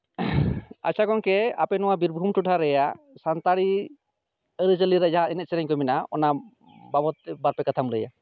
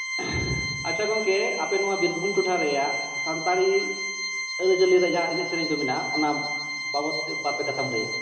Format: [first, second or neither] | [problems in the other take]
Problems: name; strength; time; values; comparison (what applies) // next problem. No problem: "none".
first | background sound (Organ); 4 dB below the speech // room echo; dies away in 1.3 s